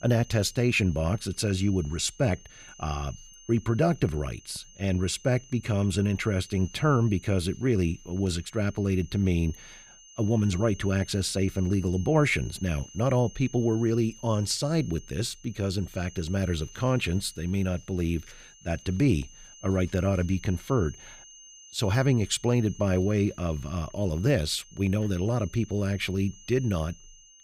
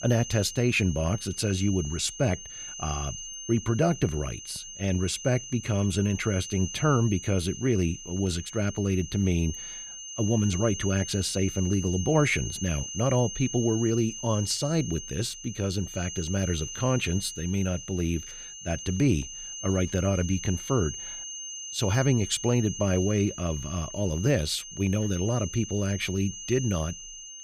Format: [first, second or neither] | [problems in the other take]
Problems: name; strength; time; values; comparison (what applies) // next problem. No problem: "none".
first | high-pitched whine; loud; throughout; 6.5 kHz, 9 dB below the speech; faint in the first